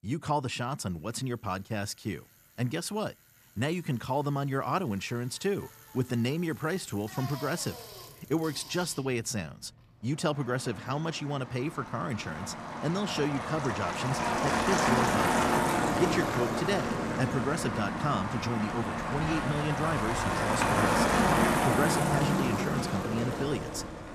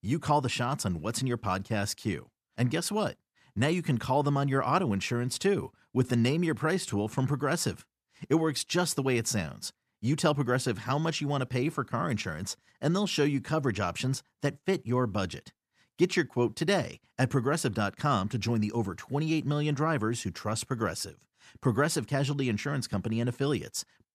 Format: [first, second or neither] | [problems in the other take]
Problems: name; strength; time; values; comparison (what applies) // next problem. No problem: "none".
second | traffic noise; very loud; throughout; 3 dB above the speech